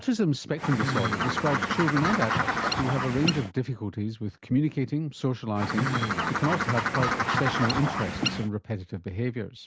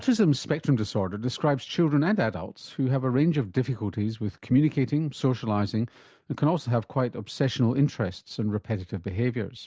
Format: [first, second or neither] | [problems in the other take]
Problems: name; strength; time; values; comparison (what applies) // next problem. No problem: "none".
second | background sound (Bird); 1 dB above the speech